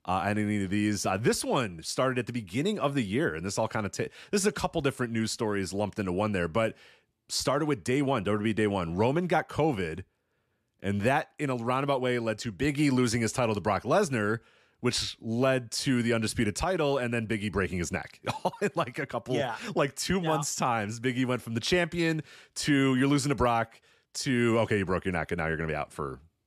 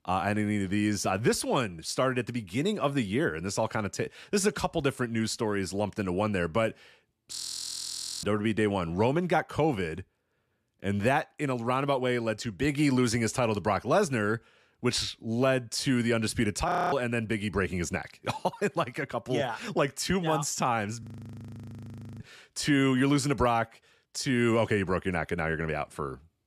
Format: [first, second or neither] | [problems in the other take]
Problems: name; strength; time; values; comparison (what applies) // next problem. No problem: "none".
first | audio freezing; at 7.5 s for 1 s, at 17 s and at 21 s for 1 s